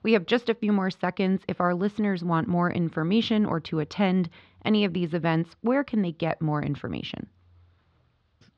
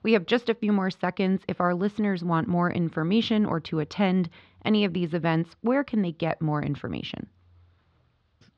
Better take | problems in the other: neither | muffled; very slightly; fading above 4 kHz; the same in both

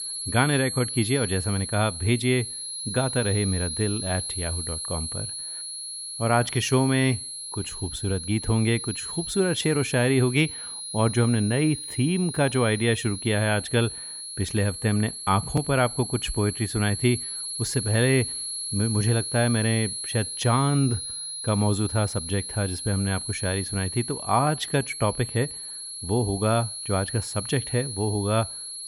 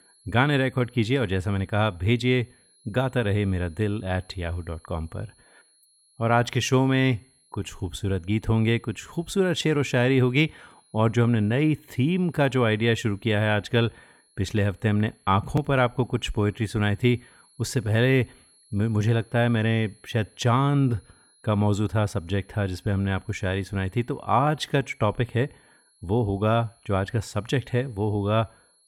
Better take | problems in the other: second | high-pitched whine; loud; throughout; 10.5 kHz, 6 dB below the speech; faint in the second

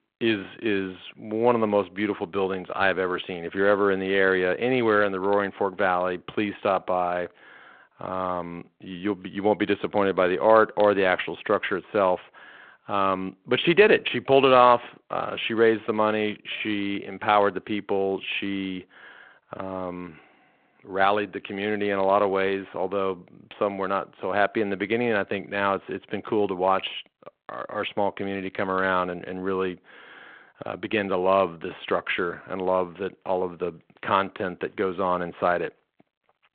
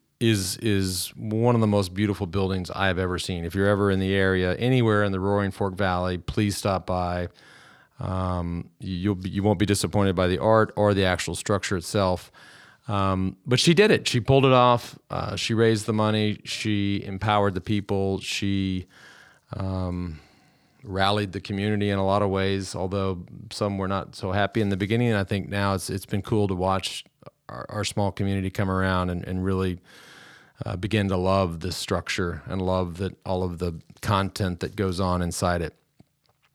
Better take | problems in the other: second | phone-call audio

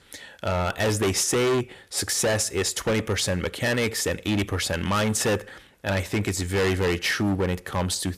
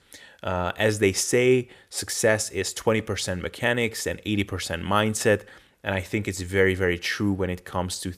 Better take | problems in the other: second | distortion; heavy; 17% of the sound clipped

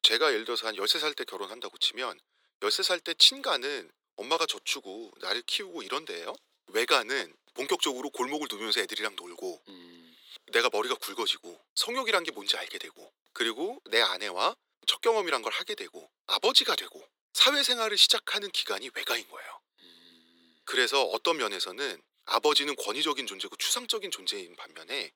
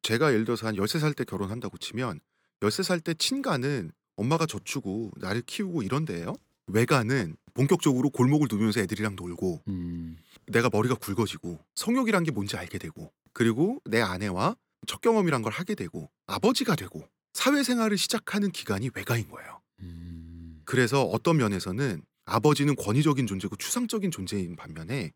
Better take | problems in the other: second | thin; very; fading below 400 Hz

